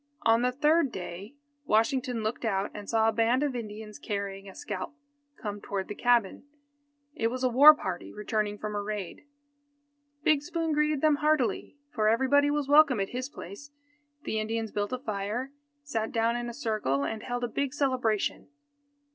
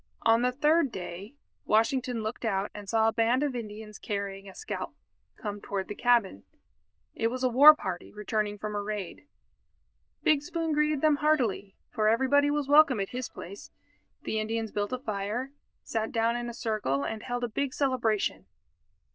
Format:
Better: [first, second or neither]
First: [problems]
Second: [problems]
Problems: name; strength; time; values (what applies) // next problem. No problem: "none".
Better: first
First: none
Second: noise reduction (neural diffusion model UNIVERSE++)